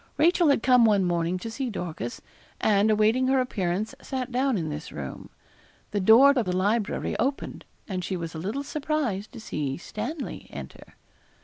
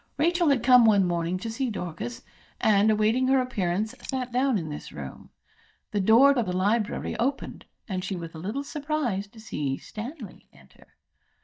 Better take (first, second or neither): first